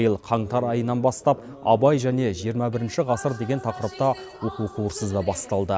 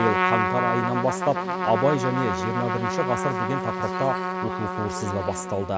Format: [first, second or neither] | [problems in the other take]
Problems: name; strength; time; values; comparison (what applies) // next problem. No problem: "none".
first | background sound (Trumpet); as loud as the speech